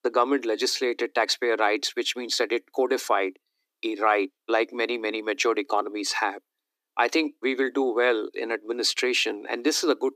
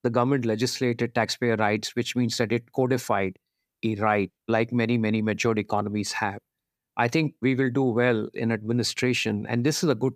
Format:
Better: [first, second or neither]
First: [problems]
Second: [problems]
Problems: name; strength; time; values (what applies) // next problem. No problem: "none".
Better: second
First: thin; somewhat; fading below 300 Hz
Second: none